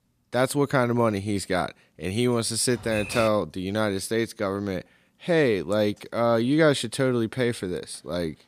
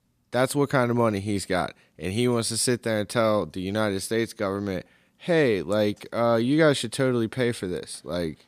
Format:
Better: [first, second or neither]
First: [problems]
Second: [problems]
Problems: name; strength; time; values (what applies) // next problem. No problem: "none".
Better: second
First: keyboard typing; noticeable; at 2.5 s; peak 7 dB below the speech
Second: none